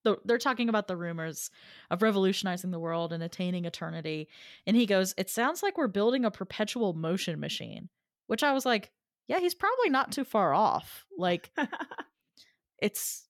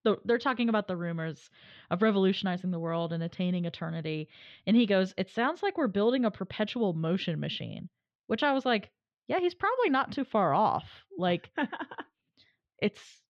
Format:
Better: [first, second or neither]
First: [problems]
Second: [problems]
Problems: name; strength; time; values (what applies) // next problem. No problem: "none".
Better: first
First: none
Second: muffled; slightly; fading above 3.5 kHz